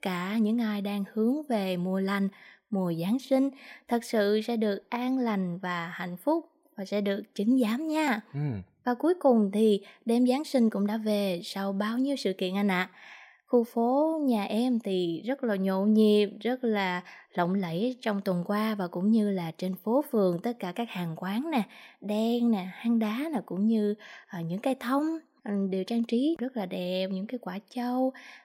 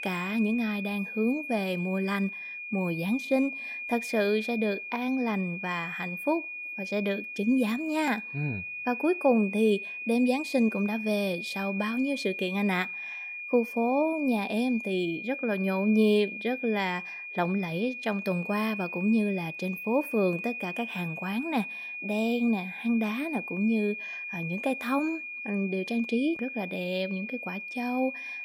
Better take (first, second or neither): first